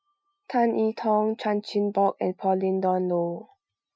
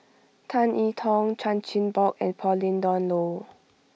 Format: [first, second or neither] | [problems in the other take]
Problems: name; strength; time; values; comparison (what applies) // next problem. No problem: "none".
second | noise reduction (classical method Wiener filter)